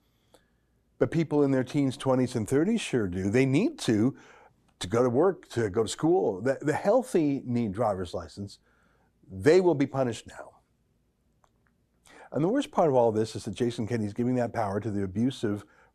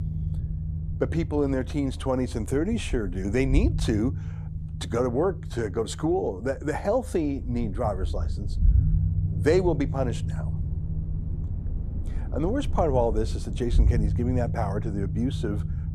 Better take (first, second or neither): first